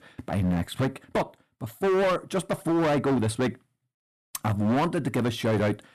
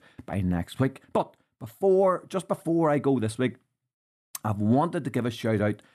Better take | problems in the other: second | distortion; heavy; 17% of the sound clipped

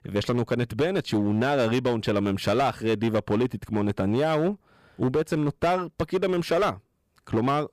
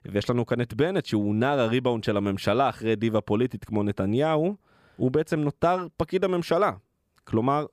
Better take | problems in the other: second | distortion; slight; 11% of the sound clipped

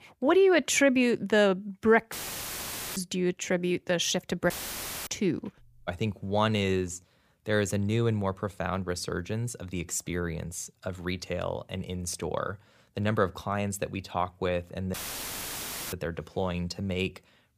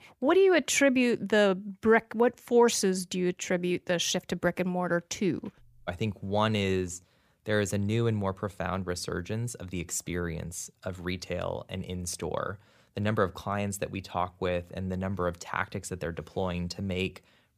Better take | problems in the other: second | audio cutting out; filled with static; at 2 s for 1 s, at 4.5 s for 0.5 s and at 15 s for 1 s

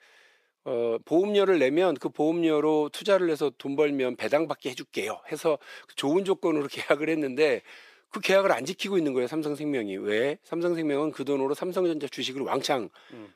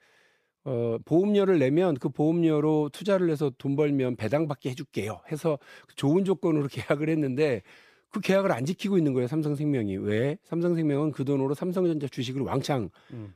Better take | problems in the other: second | thin; somewhat; fading below 350 Hz

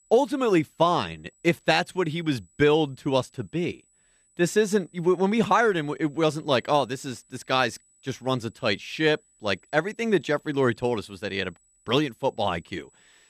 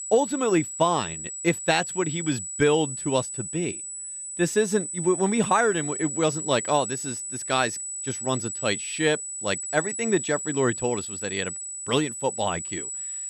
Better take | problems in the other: first | high-pitched whine; loud; throughout; 8 kHz, 5 dB below the speech; faint in the first

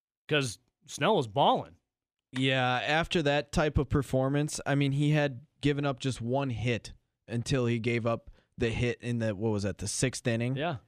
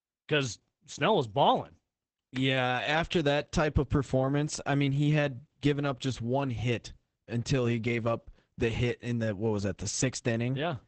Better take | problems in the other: first | garbled, watery; badly; nothing above 8 kHz

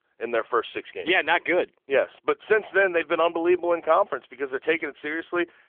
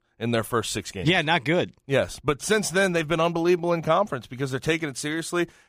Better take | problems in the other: second | phone-call audio; nothing above 3.5 kHz

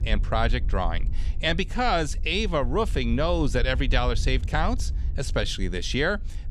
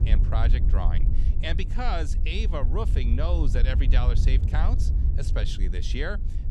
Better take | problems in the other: first | wind noise on the microphone; heavy; 9 dB below the speech; occasional gusts in the first

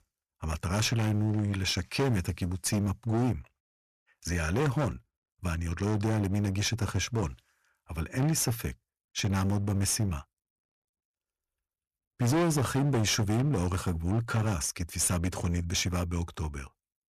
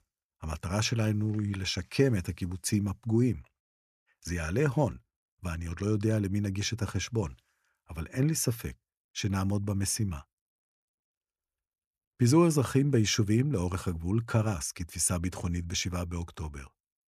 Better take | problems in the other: second | distortion; heavy; 14% of the sound clipped

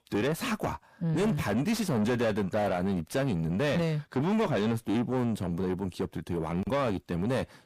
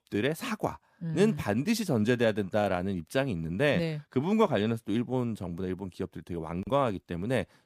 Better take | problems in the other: second | distortion; heavy; 6 dB below the speech

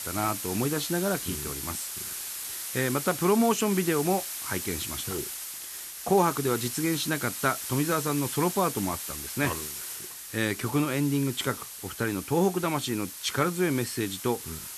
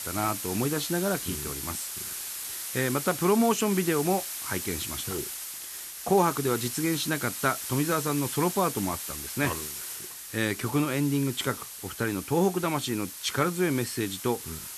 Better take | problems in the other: neither | hiss; loud; throughout; 6 dB below the speech; the same in both

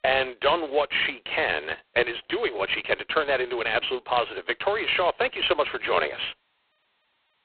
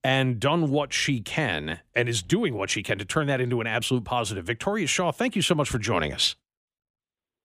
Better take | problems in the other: second | phone-call audio; poor line

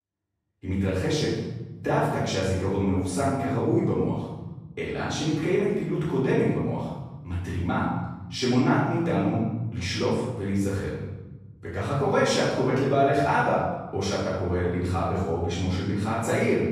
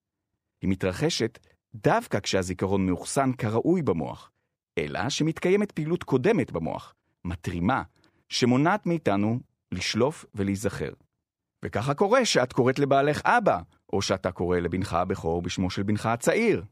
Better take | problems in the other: second | room echo; strong; dies away in 1.5 s // off-mic speech; far

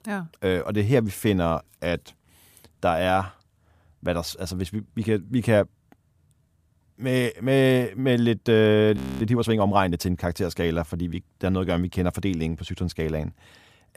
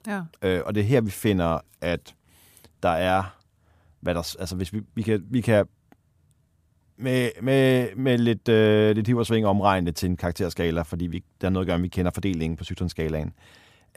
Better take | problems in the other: second | audio freezing; at 9 s

